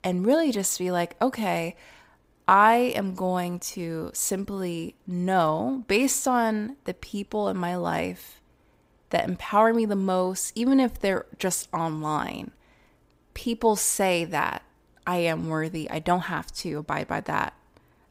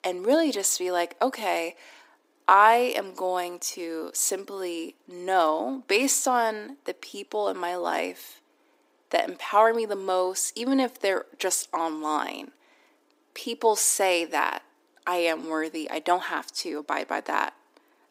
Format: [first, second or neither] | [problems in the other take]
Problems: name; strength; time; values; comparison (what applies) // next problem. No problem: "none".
first | thin; somewhat; fading below 300 Hz